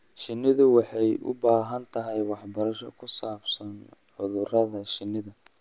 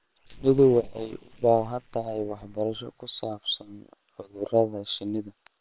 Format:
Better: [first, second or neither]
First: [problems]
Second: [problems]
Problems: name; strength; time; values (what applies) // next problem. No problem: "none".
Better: first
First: none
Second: noise reduction (neural separator model SepFormer WHAM!)